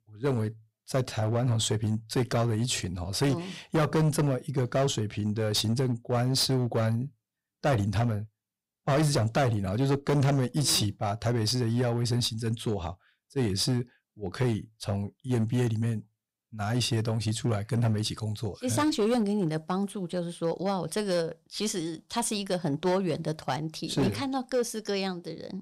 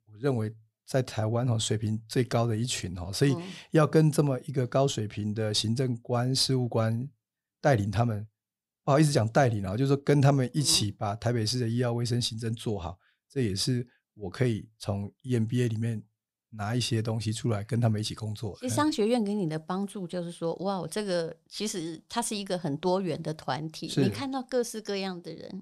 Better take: second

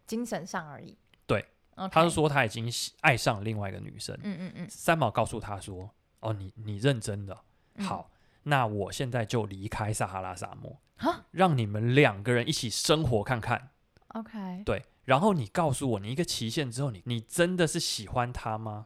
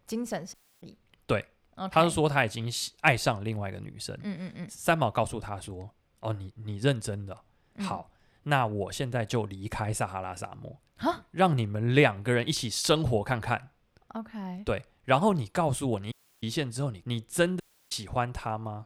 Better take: first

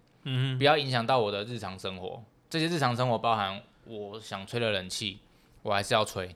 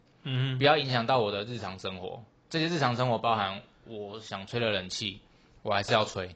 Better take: first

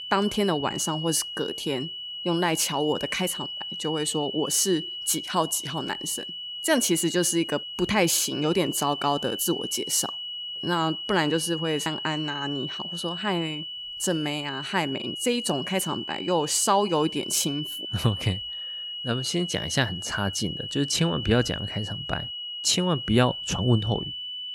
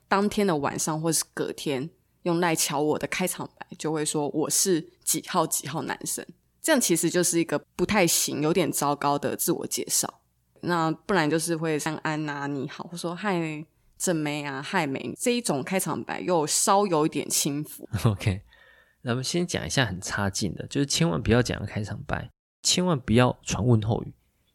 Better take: second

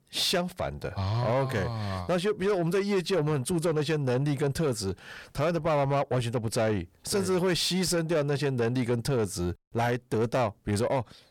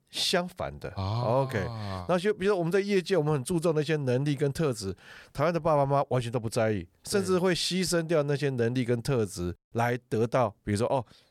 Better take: second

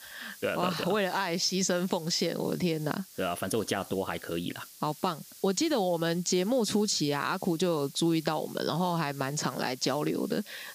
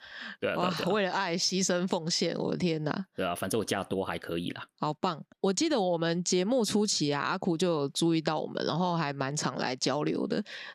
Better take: second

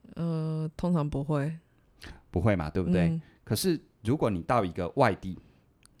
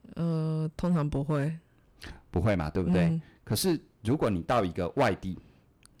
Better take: first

